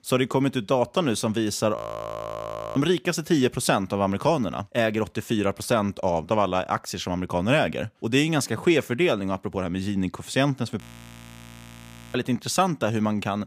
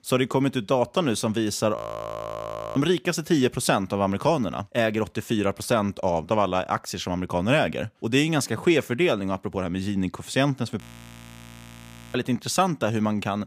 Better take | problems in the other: neither | audio freezing; at 2 s for 1 s and at 11 s for 1.5 s; the same in both

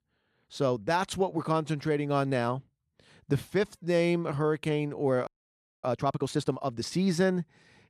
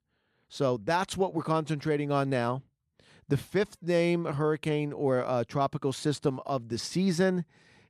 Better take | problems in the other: second | audio freezing; at 5.5 s for 0.5 s

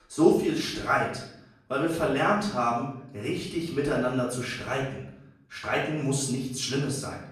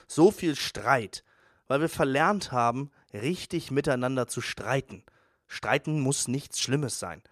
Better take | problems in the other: second | off-mic speech; far // room echo; noticeable; dies away in 0.7 s

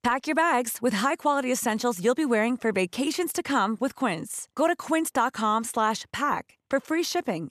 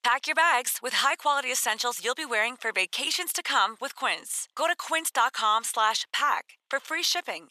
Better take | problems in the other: first | thin; very; fading below 950 Hz

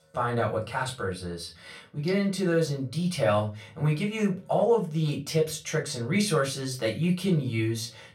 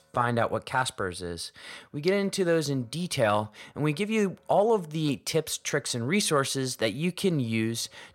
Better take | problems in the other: second | off-mic speech; far // room echo; very slight; dies away in 0.3 s

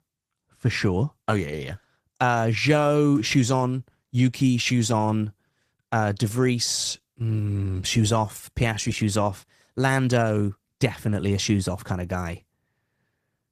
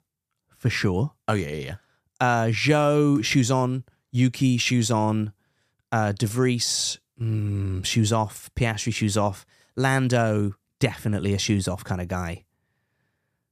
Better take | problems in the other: second | garbled, watery; slightly; nothing above 14.5 kHz

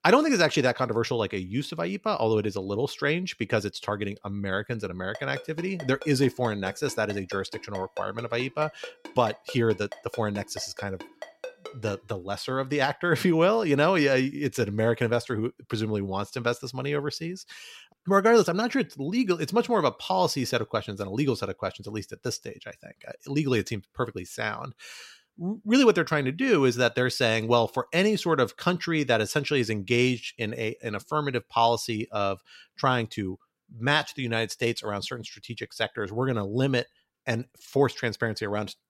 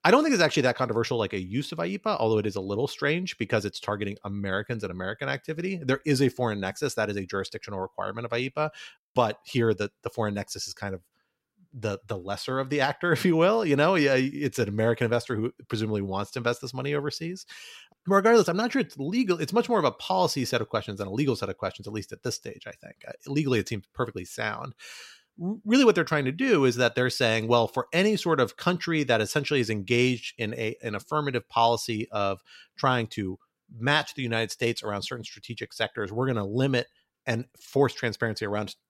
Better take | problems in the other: second | phone ringing; faint; from 5 to 12 s; peak 15 dB below the speech

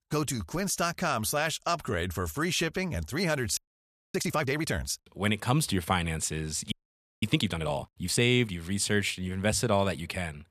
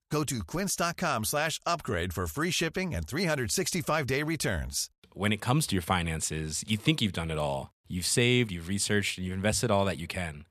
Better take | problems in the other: second | audio freezing; at 3.5 s for 0.5 s and at 6.5 s for 0.5 s

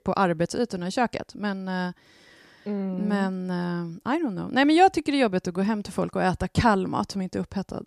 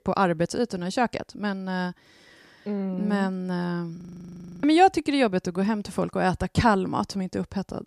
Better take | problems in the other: first | audio freezing; at 4 s for 0.5 s

